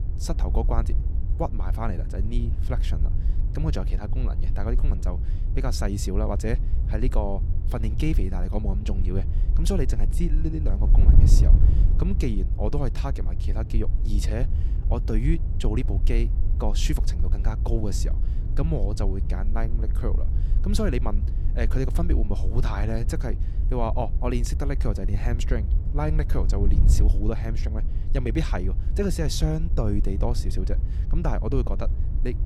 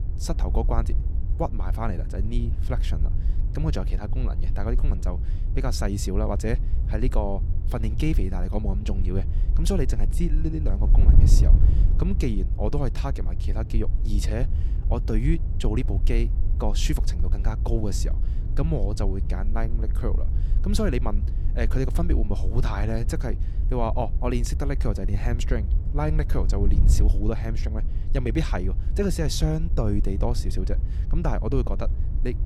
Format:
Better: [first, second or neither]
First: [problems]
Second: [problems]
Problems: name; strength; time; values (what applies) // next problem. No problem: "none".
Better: second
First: wind noise on the microphone; heavy; 10 dB below the speech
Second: wind noise on the microphone; occasional gusts; 10 dB below the speech